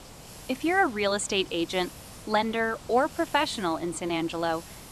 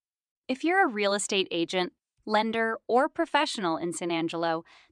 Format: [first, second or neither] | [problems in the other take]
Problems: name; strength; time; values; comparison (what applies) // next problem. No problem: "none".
second | hiss; noticeable; throughout; 15 dB below the speech